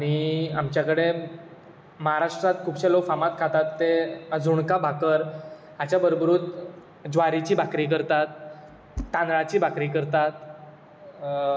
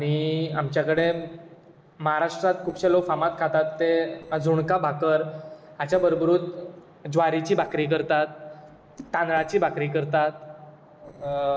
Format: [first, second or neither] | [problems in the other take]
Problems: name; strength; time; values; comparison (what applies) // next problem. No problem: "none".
first | noise reduction (neural separator model SepFormer DNS4)